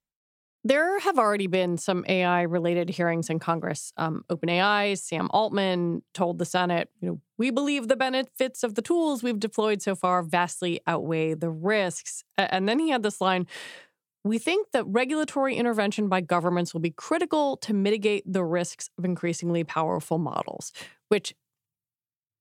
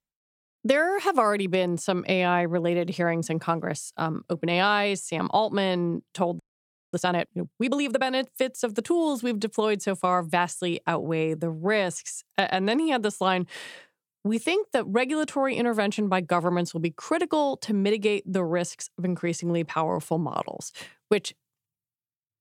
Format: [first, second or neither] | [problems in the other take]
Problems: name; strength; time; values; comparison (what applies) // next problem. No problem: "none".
first | audio freezing; at 6.5 s for 0.5 s